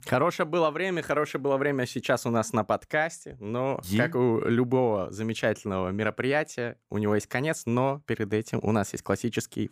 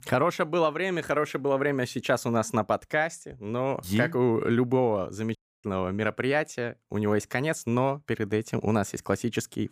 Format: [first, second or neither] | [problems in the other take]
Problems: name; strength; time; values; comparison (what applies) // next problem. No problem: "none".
first | audio cutting out; at 5.5 s